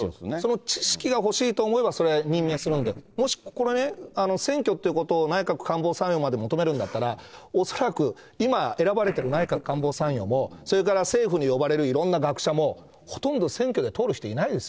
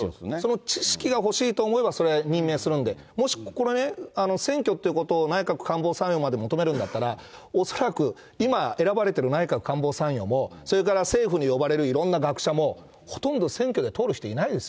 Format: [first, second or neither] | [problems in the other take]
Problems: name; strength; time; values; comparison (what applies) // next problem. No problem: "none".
second | noise reduction (neural separator model SepFormer DNS4)